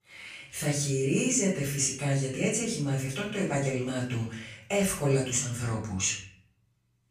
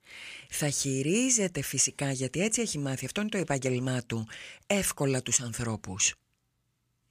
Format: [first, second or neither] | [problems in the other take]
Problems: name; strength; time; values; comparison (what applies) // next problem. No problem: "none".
second | off-mic speech; far // room echo; noticeable; dies away in 0.5 s